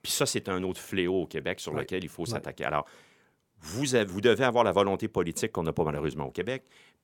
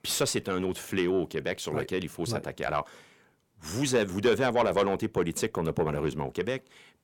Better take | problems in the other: first | distortion; slight; 10 dB below the speech

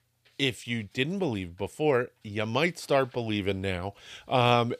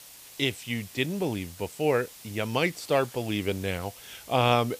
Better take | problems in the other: first | hiss; noticeable; throughout; 15 dB below the speech

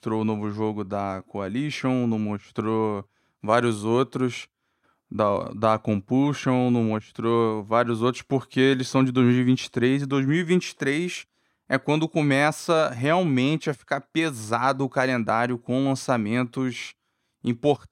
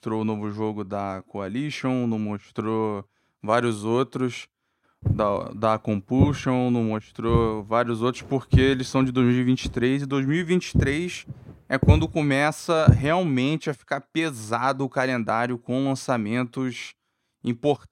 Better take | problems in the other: first | footsteps; loud; from 5 to 13 s; peak 5 dB above the speech

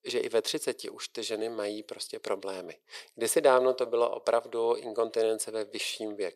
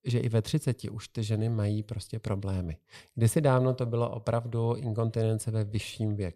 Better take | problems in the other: second | thin; very; fading below 400 Hz

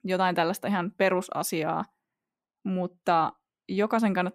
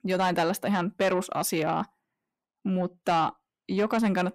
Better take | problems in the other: first | distortion; slight; 10 dB below the speech

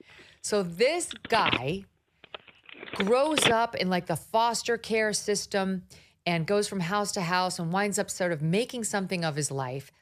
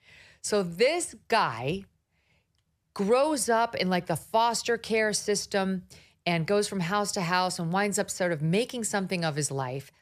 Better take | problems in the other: second | phone ringing; loud; from 1 to 3.5 s; peak 2 dB above the speech

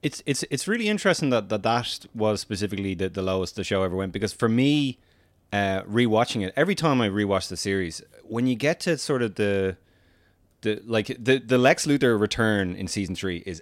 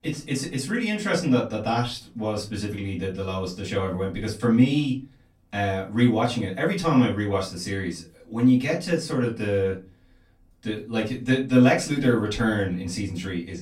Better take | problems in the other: first | off-mic speech; far // room echo; very slight; dies away in 0.3 s

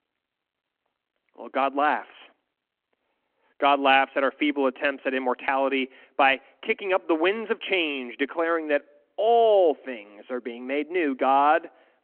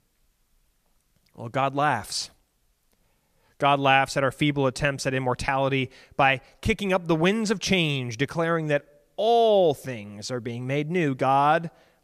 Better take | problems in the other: second | phone-call audio

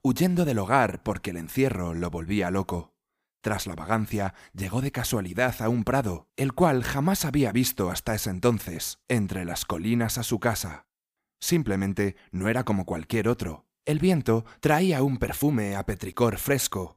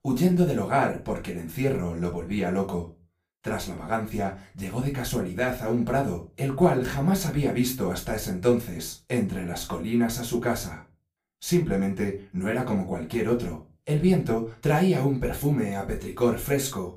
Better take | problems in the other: first | off-mic speech; far // room echo; very slight; dies away in 0.3 s

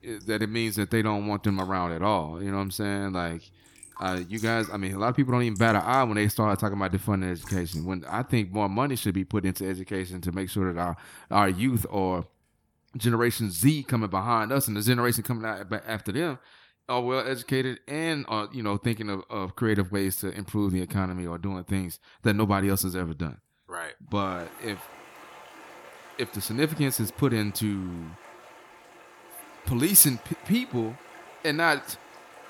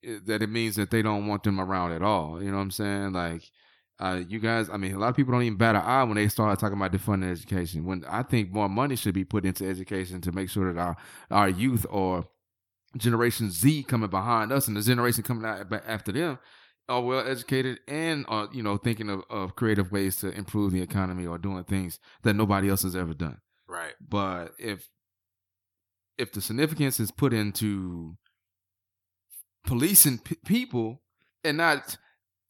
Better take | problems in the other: second | rain or running water; faint; throughout; 20 dB below the speech

